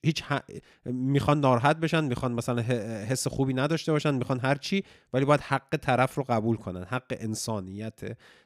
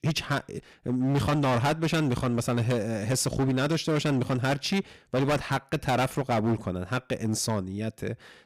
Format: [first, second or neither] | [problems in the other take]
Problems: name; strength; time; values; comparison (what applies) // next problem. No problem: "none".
first | distortion; heavy; 15% of the sound clipped